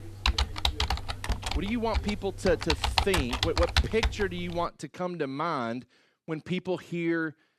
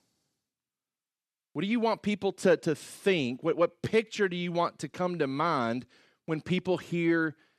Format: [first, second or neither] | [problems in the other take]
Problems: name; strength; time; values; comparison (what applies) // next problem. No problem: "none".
second | keyboard typing; loud; until 4.5 s; peak 5 dB above the speech